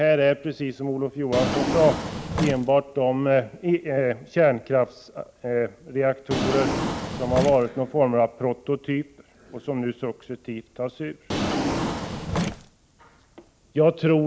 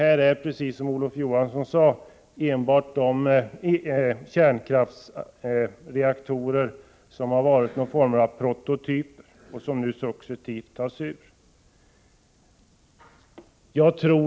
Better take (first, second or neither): second